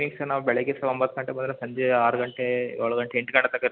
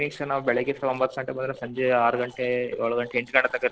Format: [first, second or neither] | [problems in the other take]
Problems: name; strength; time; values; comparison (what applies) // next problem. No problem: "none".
first | noise reduction (neural separator model SepFormer DNS4)